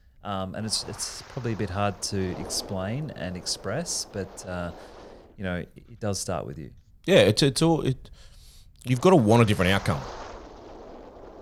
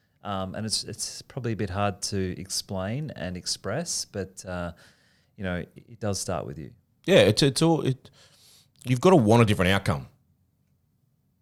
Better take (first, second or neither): second